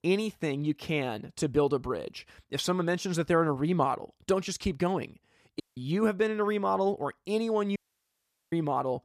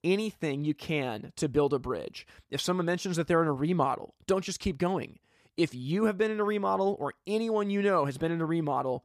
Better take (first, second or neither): second